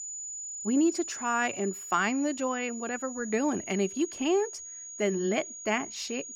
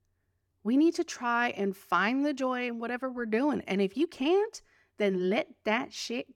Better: second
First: high-pitched whine; loud; throughout; 7 kHz, 9 dB below the speech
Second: none

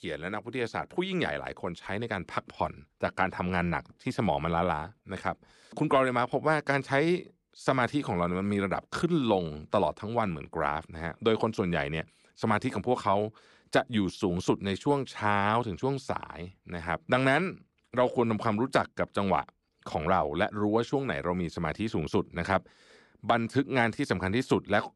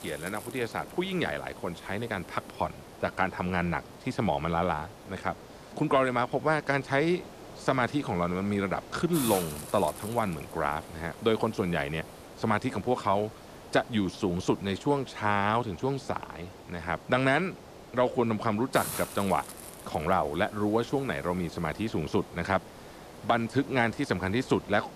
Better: first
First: none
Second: hiss; noticeable; throughout; 15 dB below the speech

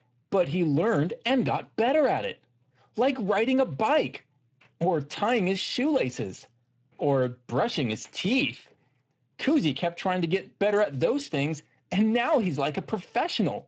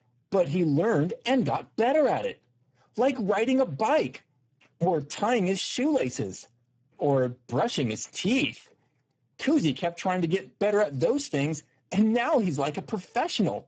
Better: first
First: garbled, watery; slightly; nothing above 7.5 kHz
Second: garbled, watery; badly; nothing above 7.5 kHz

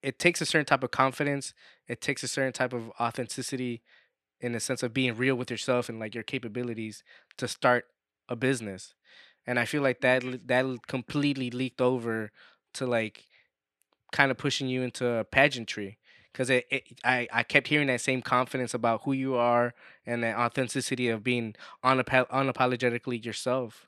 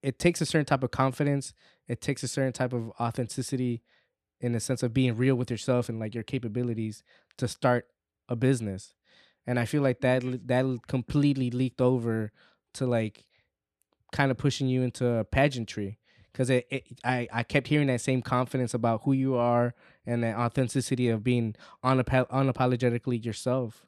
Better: second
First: thin; very slightly; fading below 300 Hz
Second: none

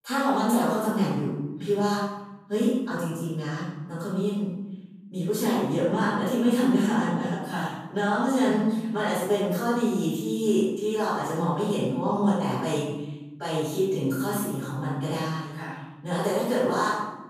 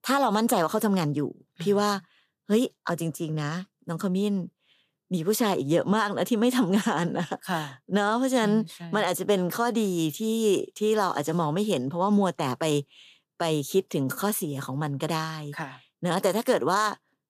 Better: second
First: off-mic speech; far // room echo; strong; dies away in 1 s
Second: none

